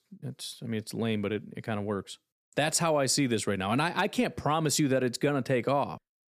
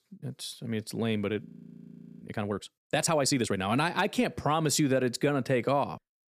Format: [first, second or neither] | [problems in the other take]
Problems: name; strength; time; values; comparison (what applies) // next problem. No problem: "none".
first | audio freezing; at 1.5 s for 1 s